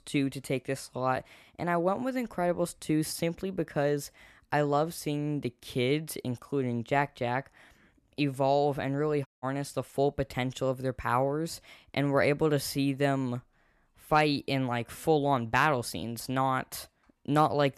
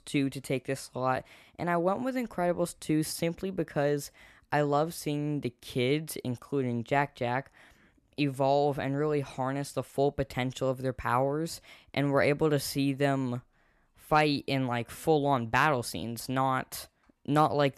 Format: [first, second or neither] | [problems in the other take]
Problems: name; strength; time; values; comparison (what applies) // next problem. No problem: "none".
second | audio cutting out; at 9.5 s